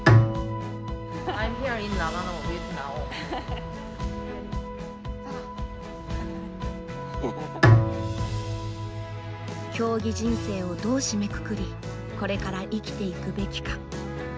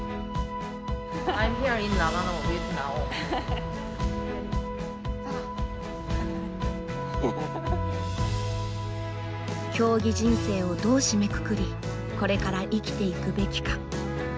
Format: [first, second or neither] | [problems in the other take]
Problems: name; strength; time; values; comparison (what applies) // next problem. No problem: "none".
second | background sound (Bowed string instrument); 4 dB above the speech